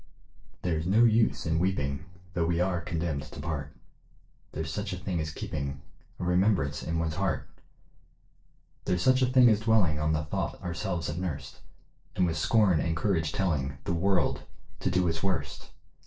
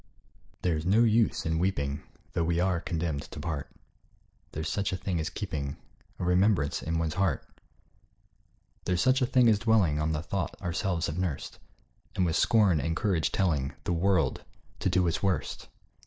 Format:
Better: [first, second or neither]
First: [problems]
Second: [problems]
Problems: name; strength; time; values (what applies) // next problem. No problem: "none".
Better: second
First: noise reduction (neural separator model SepFormer DNS4)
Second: none